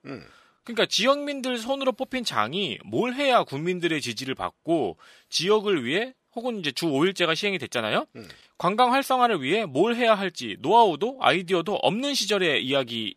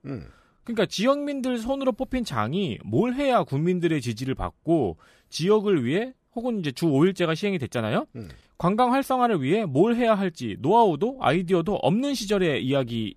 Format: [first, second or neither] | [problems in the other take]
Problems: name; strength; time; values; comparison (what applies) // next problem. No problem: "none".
second | thin; very slightly; fading below 950 Hz